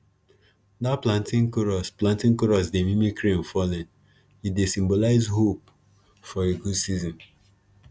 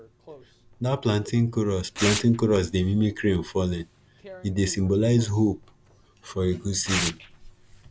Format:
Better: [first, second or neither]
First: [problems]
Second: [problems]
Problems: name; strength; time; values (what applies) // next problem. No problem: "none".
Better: first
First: none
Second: background sound (Tearing); 13 dB below the speech